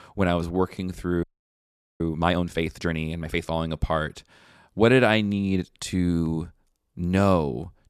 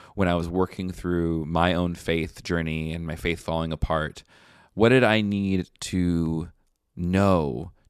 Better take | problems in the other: second | audio freezing; at 1 s for 1 s

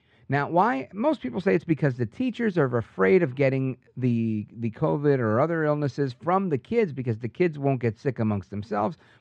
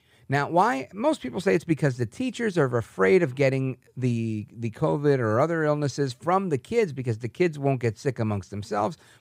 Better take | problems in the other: second | muffled; slightly; fading above 3 kHz

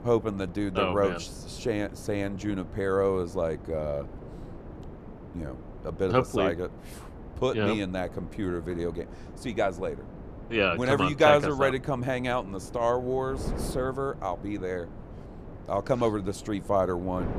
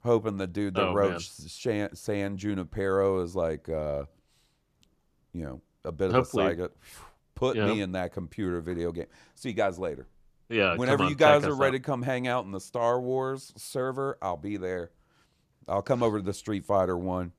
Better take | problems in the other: second | wind noise on the microphone; occasional gusts; 20 dB below the speech

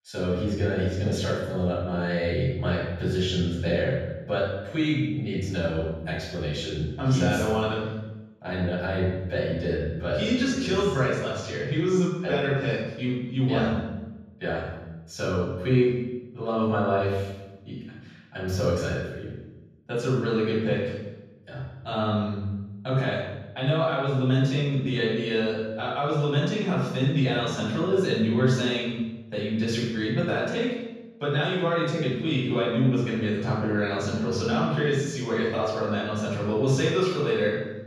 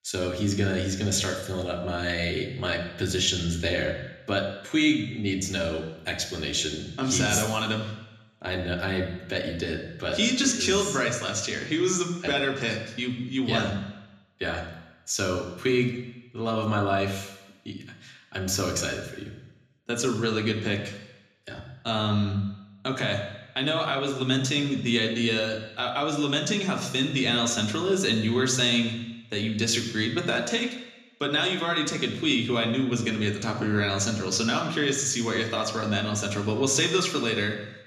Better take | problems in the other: second | room echo; strong; dies away in 1.3 s; slight in the second // off-mic speech; far

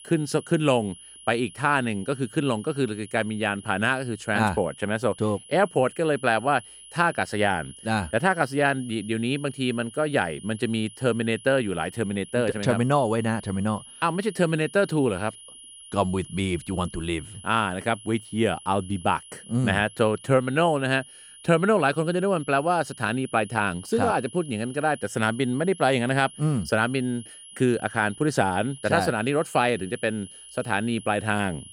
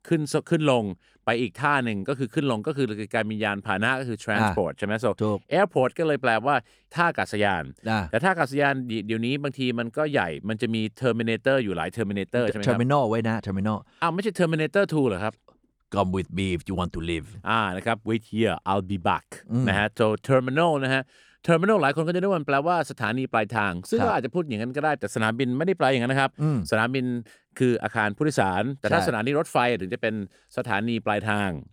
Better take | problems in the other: second | high-pitched whine; noticeable; throughout; 10.5 kHz, 20 dB below the speech

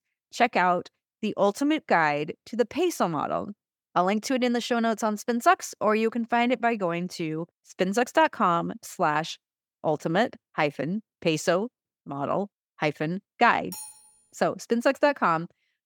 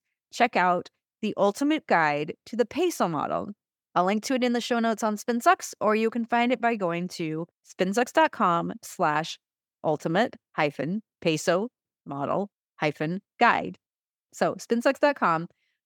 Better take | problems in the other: second | clattering dishes; faint; at 14 s; peak 15 dB below the speech

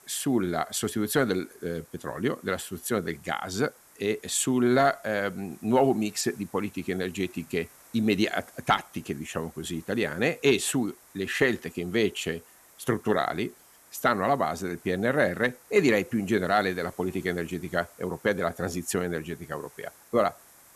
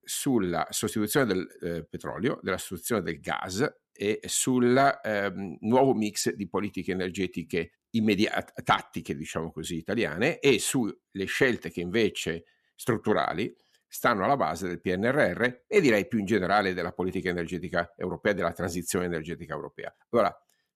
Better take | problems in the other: second | hiss; faint; throughout; 25 dB below the speech

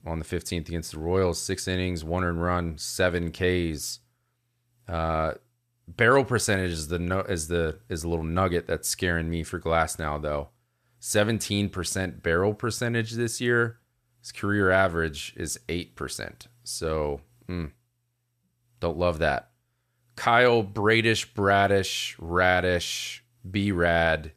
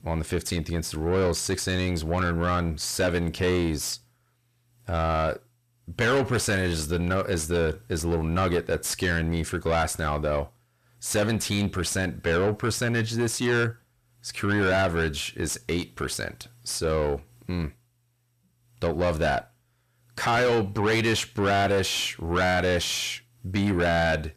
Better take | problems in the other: first | distortion; heavy; 7 dB below the speech

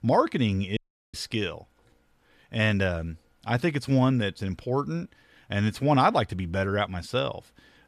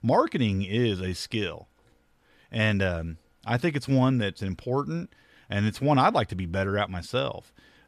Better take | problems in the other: second | audio cutting out; at 1 s

